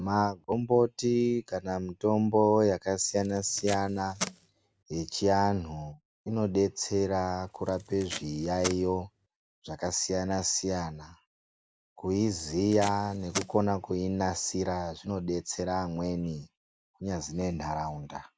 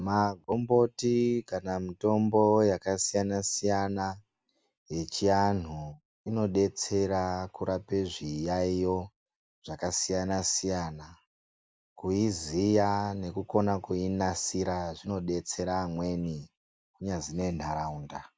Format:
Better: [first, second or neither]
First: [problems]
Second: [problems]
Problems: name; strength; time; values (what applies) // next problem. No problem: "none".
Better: second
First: background sound (Packing tape, duct tape); 12 dB below the speech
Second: none